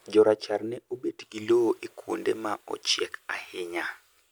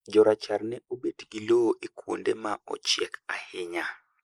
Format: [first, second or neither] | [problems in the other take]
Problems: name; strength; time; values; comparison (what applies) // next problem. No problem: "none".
first | noise reduction (neural mask model Resemble Enhance denoiser)